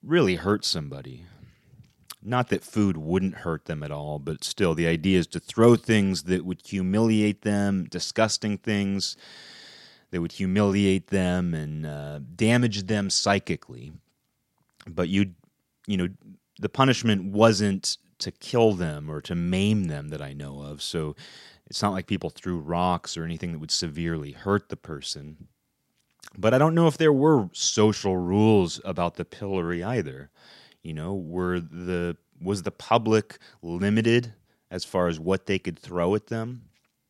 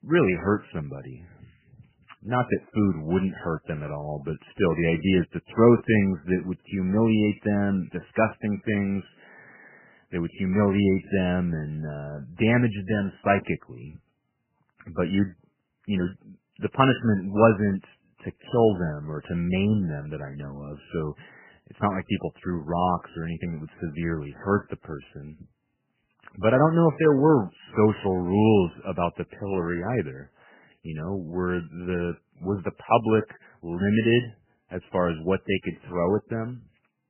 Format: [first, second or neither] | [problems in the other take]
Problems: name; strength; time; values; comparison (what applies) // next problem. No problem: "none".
first | garbled, watery; badly; nothing above 3 kHz